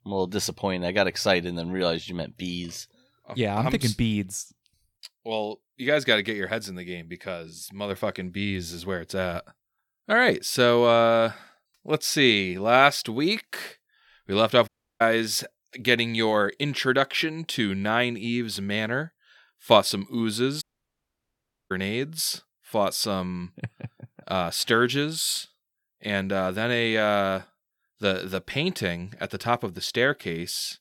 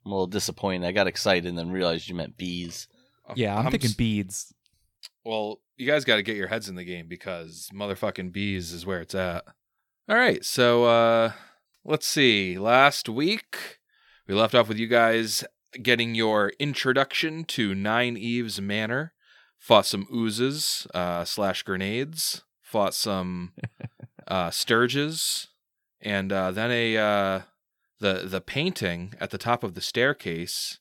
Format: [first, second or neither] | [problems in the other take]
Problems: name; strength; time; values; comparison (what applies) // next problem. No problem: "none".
second | audio cutting out; at 15 s and at 21 s for 1 s